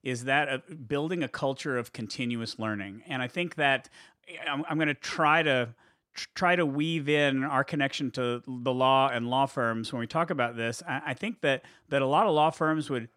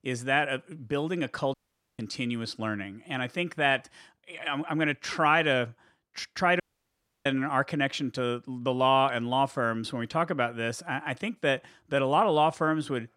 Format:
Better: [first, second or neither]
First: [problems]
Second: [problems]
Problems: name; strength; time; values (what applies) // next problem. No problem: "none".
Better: first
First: none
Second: audio cutting out; at 1.5 s and at 6.5 s for 0.5 s